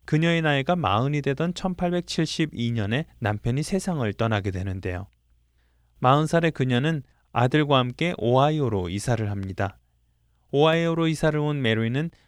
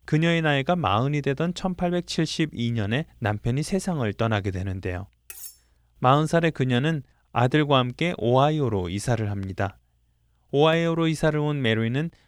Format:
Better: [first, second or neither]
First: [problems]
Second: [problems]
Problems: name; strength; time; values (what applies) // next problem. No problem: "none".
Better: first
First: none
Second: clattering dishes; faint; at 5.5 s; peak 15 dB below the speech